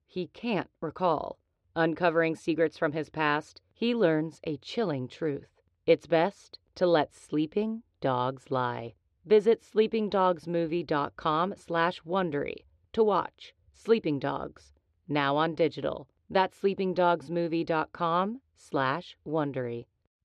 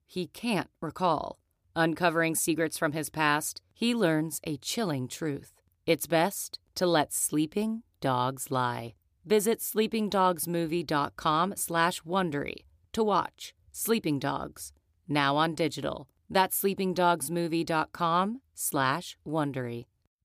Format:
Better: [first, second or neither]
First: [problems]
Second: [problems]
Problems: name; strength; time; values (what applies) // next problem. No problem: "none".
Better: second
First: muffled; slightly; fading above 3.5 kHz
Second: none